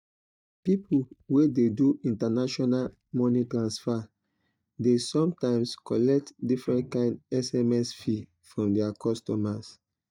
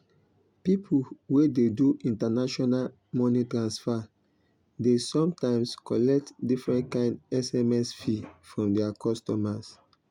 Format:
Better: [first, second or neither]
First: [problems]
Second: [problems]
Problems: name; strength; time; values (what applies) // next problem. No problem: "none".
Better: second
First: noise reduction (neural mask model DeepFilterNet 3)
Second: none